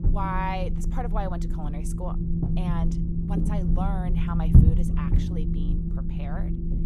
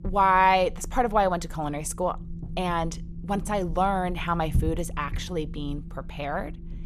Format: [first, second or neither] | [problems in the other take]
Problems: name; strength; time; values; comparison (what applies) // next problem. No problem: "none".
second | low rumble; loud; throughout; 2 dB below the speech; faint in the second